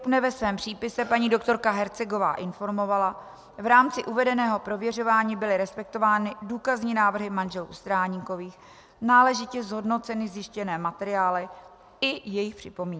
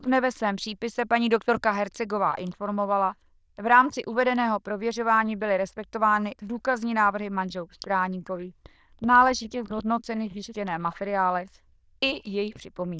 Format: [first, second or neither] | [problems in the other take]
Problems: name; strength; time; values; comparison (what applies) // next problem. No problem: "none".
first | noise reduction (neural diffusion model UNIVERSE++)